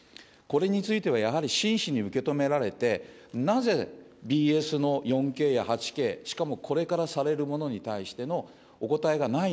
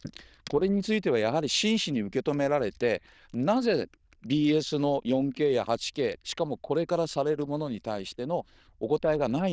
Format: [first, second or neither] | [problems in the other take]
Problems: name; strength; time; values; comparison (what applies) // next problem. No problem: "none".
first | noise reduction (neural diffusion model UNIVERSE++)